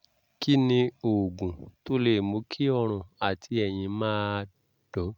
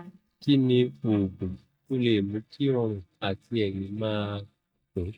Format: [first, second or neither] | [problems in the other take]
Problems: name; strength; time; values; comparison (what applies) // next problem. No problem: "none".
first | noise reduction (neural mask model DeepFilterNet 3)